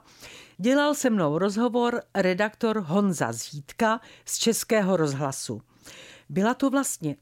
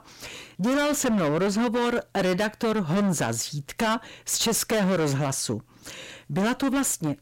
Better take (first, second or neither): first